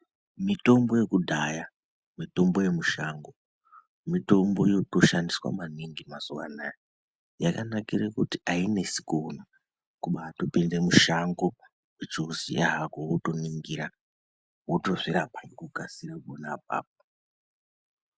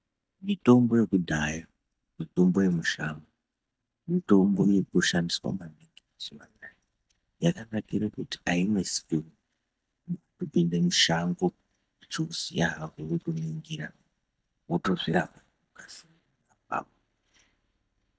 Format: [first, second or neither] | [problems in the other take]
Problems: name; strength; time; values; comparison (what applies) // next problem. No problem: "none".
first | noise reduction (neural mask model DeepFilterNet 3)